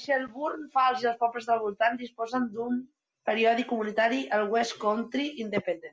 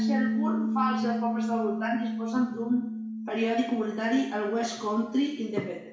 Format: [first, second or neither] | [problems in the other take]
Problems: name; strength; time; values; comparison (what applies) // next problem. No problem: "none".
first | background sound (Piano); 2 dB below the speech // room echo; dies away in 0.7 s